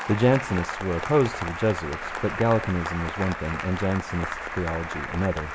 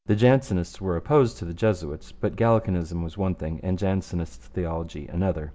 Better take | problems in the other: second | background sound (Applause / Cheering); 7 dB below the speech

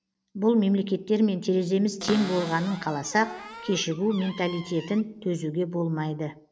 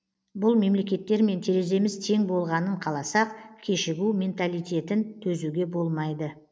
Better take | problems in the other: second | background sound (Cupboard open or close); 13 dB below the speech

